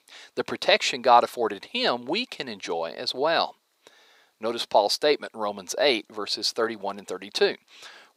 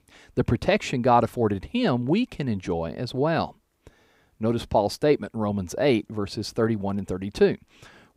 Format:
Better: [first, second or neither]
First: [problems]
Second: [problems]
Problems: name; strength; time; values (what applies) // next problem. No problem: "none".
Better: second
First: thin; very; fading below 550 Hz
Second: none